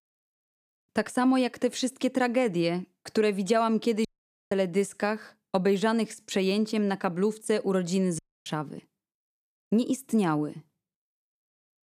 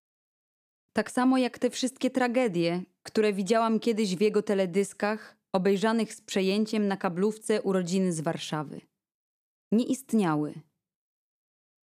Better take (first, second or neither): second